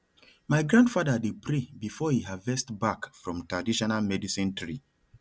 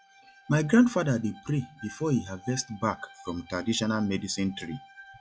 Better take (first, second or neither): first